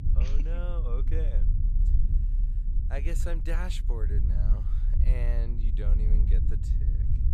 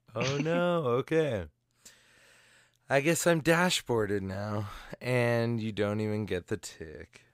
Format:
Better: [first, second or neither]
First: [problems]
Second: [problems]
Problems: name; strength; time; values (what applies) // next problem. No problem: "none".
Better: second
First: low rumble; loud; throughout; 5 dB below the speech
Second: none